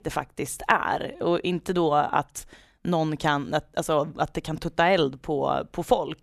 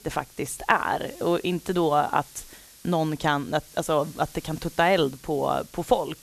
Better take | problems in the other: first | hiss; faint; throughout; 20 dB below the speech

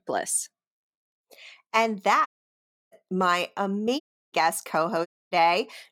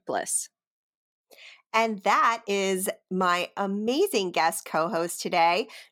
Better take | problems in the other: second | audio cutting out; at 2.5 s for 0.5 s, at 4 s and at 5 s

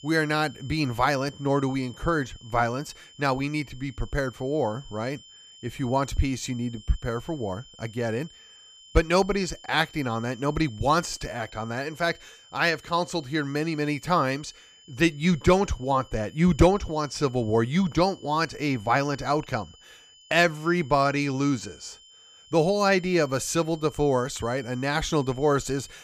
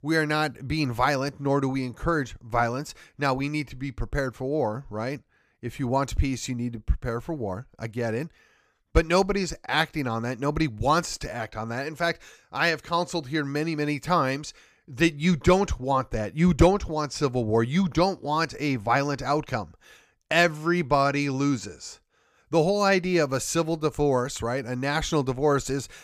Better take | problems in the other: second | high-pitched whine; faint; throughout; 3 kHz, 25 dB below the speech

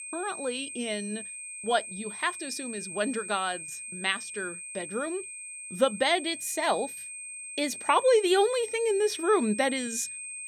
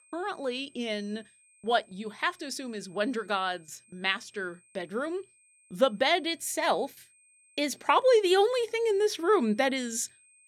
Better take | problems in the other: second | high-pitched whine; loud; throughout; 8.5 kHz, 9 dB below the speech; faint in the second

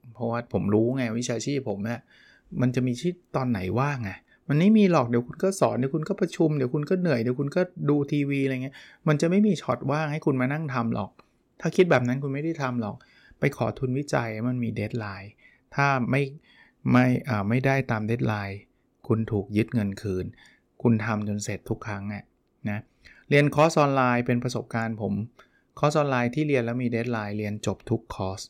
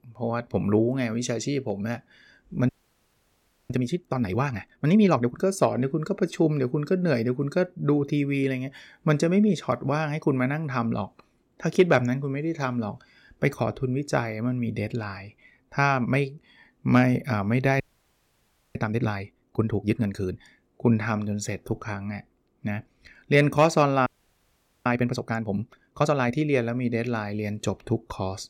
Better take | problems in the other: first | audio freezing; at 2.5 s for 1 s, at 18 s for 1 s and at 24 s for 1 s

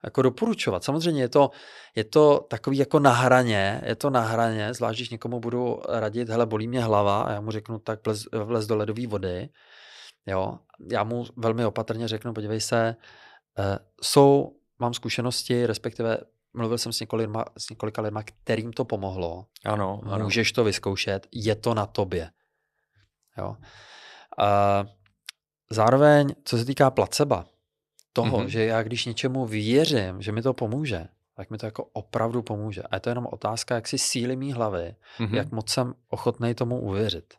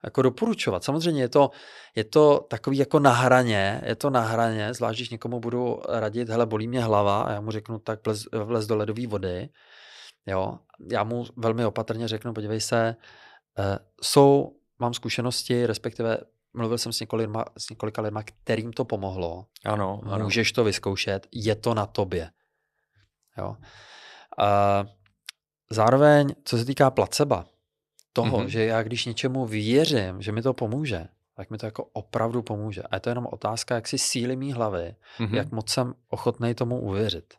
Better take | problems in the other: neither | none

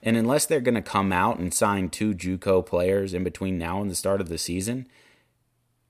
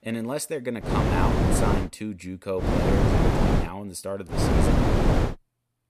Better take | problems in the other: first | wind noise on the microphone; heavy; at 1 s, at 2.5 s and at 4.5 s; 5 dB above the speech

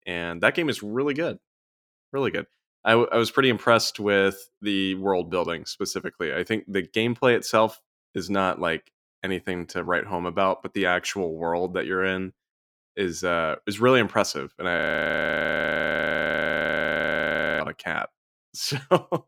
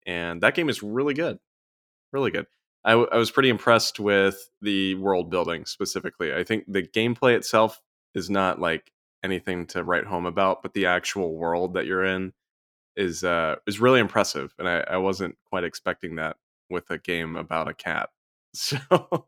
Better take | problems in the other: second | audio freezing; at 15 s for 3 s

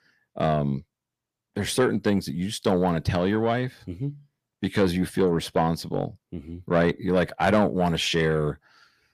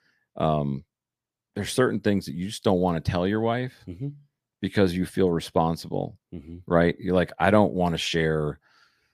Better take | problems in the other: second | distortion; slight; 10 dB below the speech

